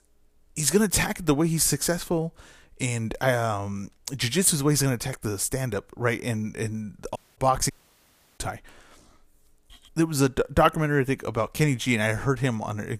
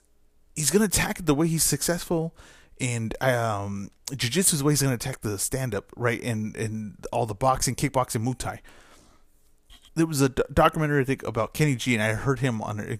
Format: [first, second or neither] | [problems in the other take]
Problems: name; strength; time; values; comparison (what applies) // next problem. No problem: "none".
second | audio cutting out; at 7 s and at 7.5 s for 0.5 s